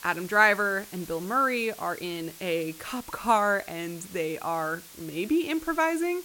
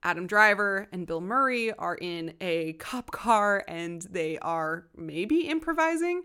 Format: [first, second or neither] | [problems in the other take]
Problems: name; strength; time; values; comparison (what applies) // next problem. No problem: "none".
second | hiss; noticeable; throughout; 15 dB below the speech